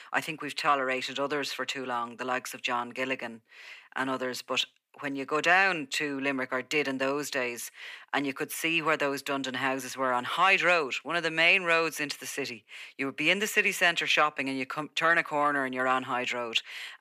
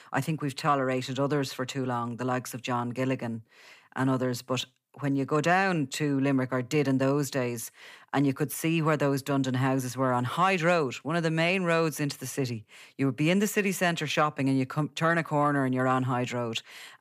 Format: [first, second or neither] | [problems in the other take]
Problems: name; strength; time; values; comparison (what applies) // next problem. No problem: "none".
second | thin; somewhat; fading below 350 Hz